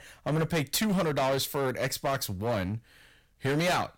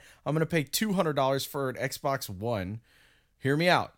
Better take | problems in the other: second | distortion; heavy; 14% of the sound clipped

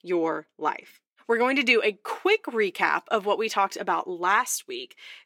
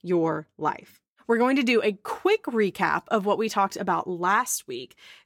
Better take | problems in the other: second | thin; very slightly; fading below 350 Hz

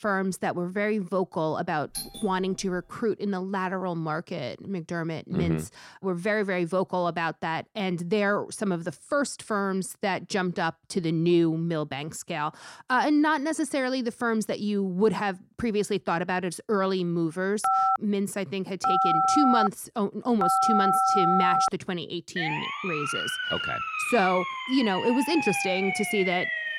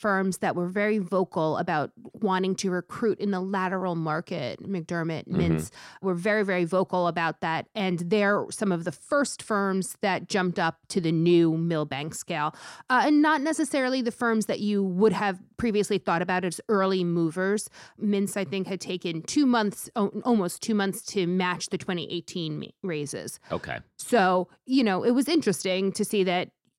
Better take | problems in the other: second | doorbell; noticeable; at 2 s; peak 7 dB below the speech // phone ringing; loud; from 18 to 22 s; peak 6 dB above the speech // siren; loud; from 22 s on; peak level with the speech

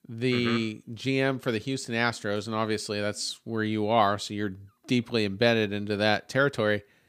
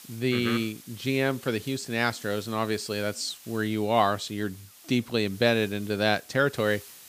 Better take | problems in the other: first | hiss; noticeable; throughout; 20 dB below the speech

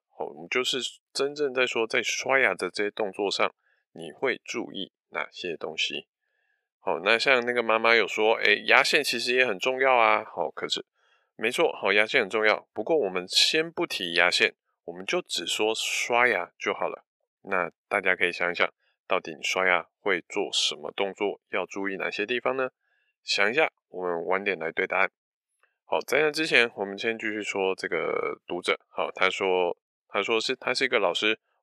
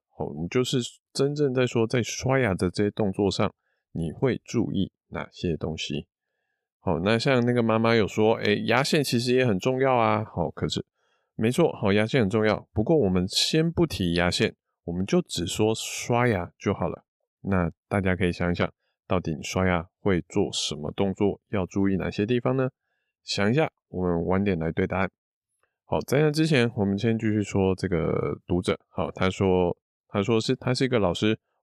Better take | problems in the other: second | thin; very; fading below 500 Hz

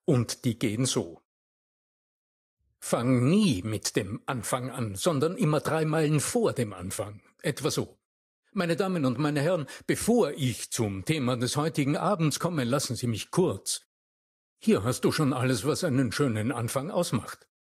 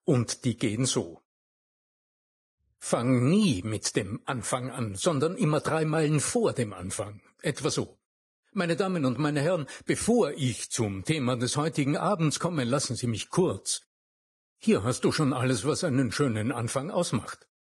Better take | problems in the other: first | garbled, watery; badly; nothing above 10.5 kHz; slightly in the first

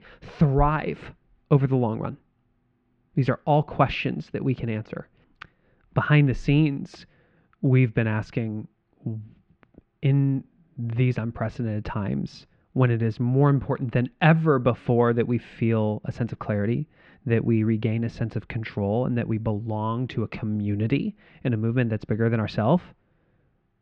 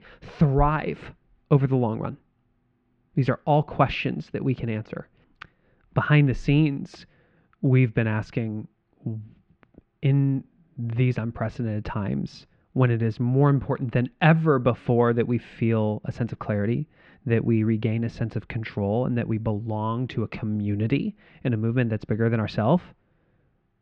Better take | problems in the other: neither | muffled; very; fading above 2.5 kHz; the same in both

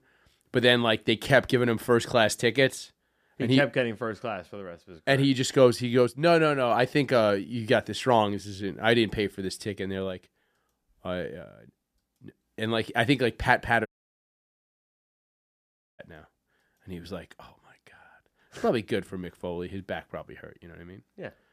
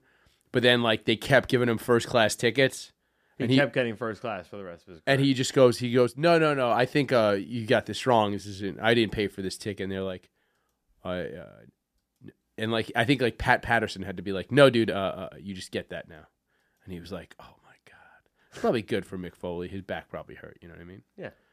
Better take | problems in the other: second | audio cutting out; at 14 s for 2 s

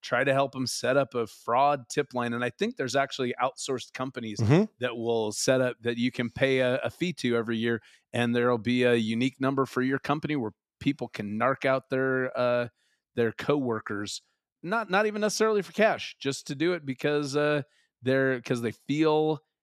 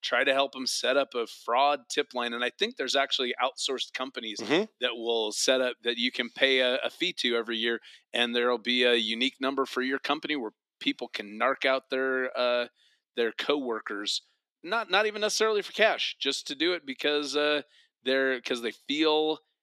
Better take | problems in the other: first | thin; very slightly; fading below 250 Hz

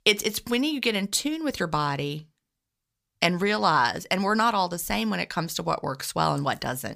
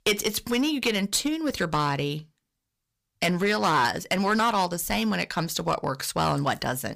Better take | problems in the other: first | distortion; slight; 5% of the sound clipped

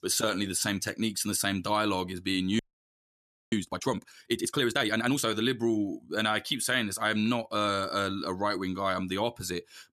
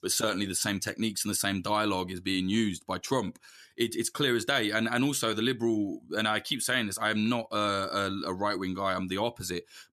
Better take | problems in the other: second | audio freezing; at 2.5 s for 1 s

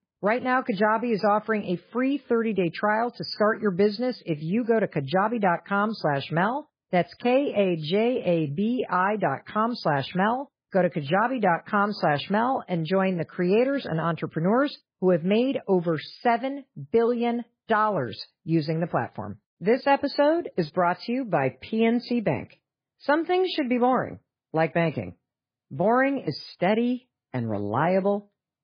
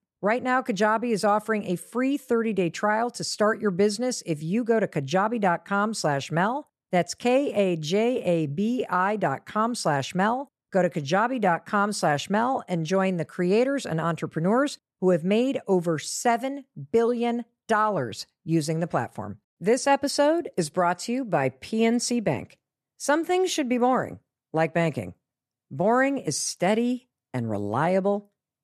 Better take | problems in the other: second | garbled, watery; badly; nothing above 5 kHz

